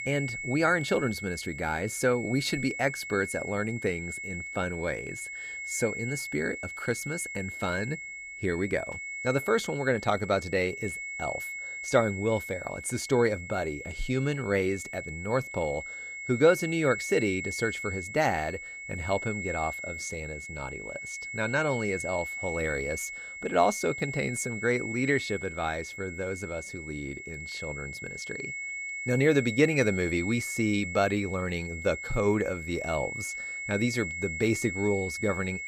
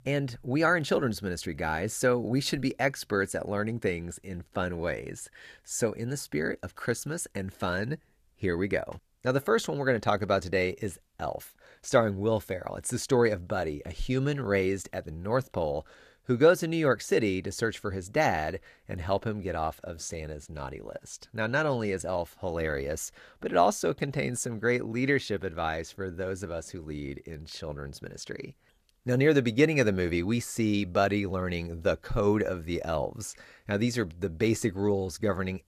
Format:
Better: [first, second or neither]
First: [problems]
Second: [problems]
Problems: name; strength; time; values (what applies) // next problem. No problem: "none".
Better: second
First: high-pitched whine; loud; throughout; 2 kHz, 6 dB below the speech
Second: none